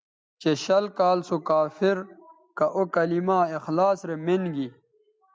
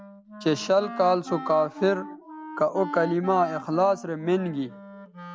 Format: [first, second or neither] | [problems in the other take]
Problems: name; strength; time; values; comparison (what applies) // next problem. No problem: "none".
first | background sound (Wind instrument, woodwind instrument); 13 dB below the speech